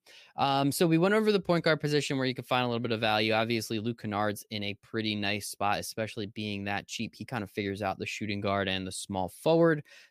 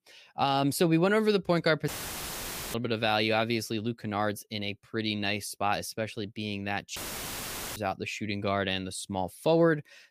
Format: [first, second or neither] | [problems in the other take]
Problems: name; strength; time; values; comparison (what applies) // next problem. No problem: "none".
first | audio cutting out; filled with static; at 2 s for 1 s and at 7 s for 1 s